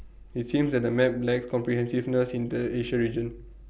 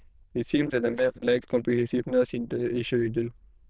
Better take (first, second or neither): first